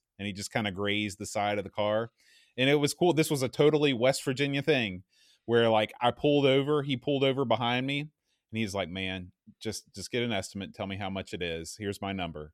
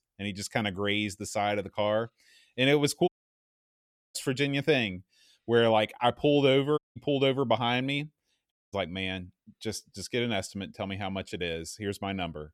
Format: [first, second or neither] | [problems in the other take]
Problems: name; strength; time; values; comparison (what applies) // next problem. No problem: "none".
first | audio cutting out; at 3 s for 1 s, at 7 s and at 8.5 s